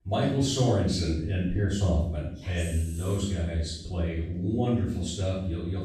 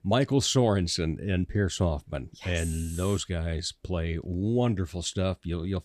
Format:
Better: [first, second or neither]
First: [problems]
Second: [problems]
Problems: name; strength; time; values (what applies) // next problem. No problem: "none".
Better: second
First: off-mic speech; far // room echo; noticeable; dies away in 0.7 s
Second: none